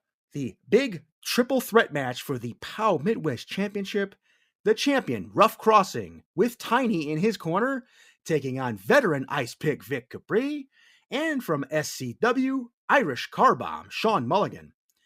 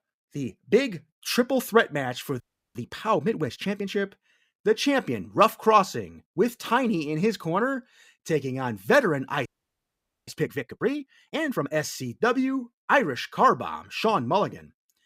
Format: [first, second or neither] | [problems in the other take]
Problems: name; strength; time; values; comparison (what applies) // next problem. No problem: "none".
first | audio freezing; at 2.5 s and at 9.5 s for 1 s